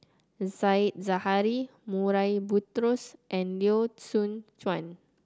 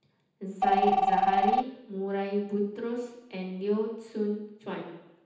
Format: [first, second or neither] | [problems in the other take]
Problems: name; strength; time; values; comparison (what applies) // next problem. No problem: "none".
first | background sound (Telephone); 2 dB above the speech // room echo; dies away in 0.9 s